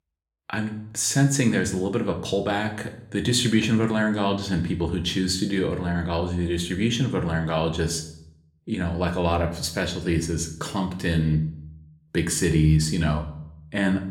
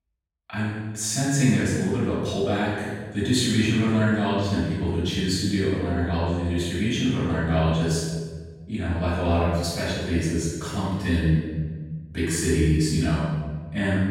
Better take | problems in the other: first | room echo; strong; dies away in 1.3 s; slight in the first // off-mic speech; far

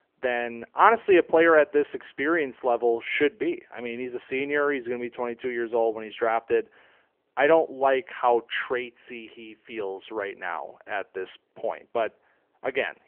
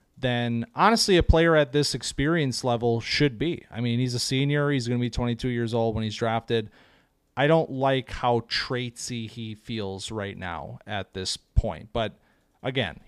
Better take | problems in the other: second | phone-call audio; nothing above 3 kHz

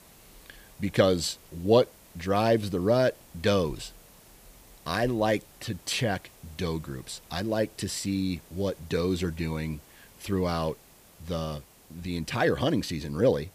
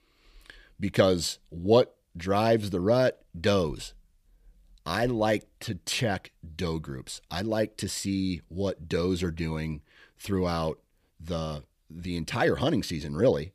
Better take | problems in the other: second | hiss; faint; throughout; 25 dB below the speech

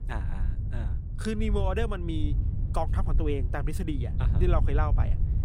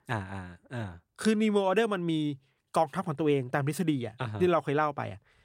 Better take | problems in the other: second | wind noise on the microphone; occasional gusts; 10 dB below the speech

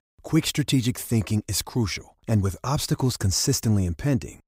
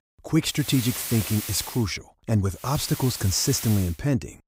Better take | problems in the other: first | hiss; loud; from 0.5 to 2 s and from 2.5 to 4 s; 8 dB below the speech

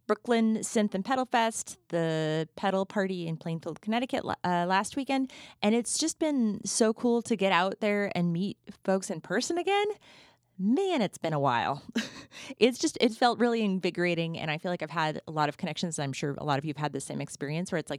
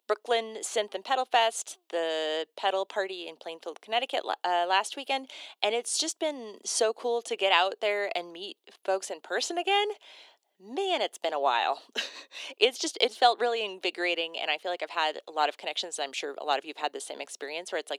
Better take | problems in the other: first | thin; very; fading below 350 Hz

